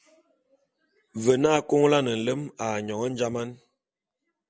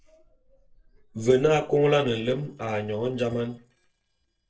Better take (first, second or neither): first